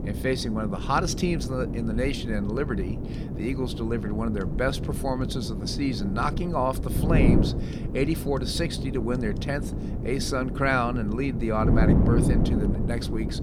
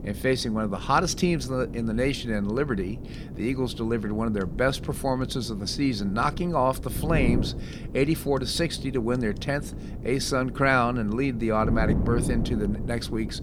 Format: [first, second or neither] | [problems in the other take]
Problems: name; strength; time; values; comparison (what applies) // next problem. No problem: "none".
second | wind noise on the microphone; heavy; 6 dB below the speech; occasional gusts in the second